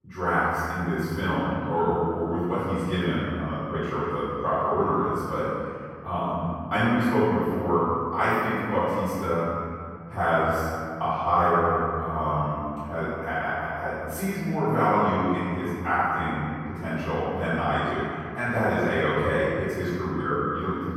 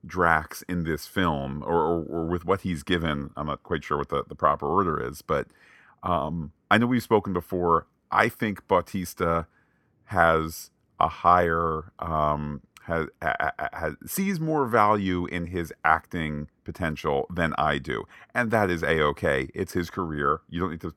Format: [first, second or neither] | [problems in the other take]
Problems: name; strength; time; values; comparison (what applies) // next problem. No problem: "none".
second | room echo; strong; dies away in 2.4 s // off-mic speech; far